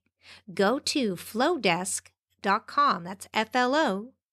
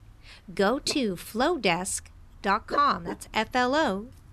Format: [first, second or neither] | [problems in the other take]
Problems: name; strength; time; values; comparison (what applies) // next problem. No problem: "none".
first | dog barking; noticeable; from 1 s on; peak 9 dB below the speech